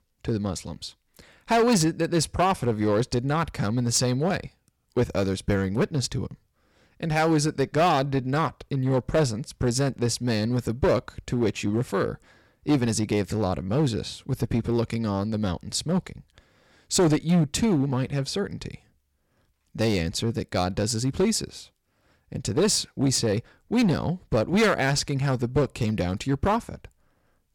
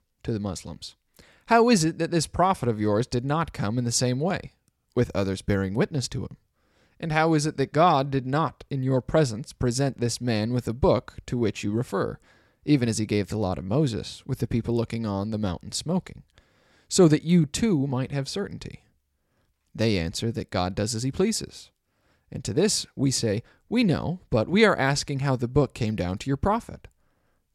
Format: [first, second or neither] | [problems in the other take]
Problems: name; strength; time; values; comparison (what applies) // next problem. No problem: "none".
second | distortion; slight; 5% of the sound clipped